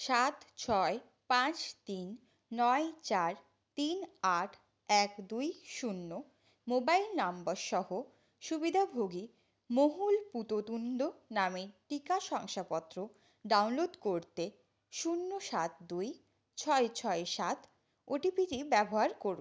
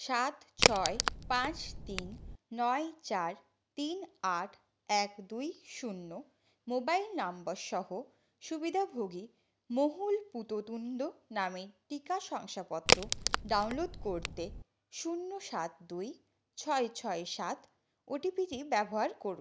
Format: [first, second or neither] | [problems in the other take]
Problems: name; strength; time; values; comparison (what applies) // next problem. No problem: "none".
first | background sound (Crack); 3 dB above the speech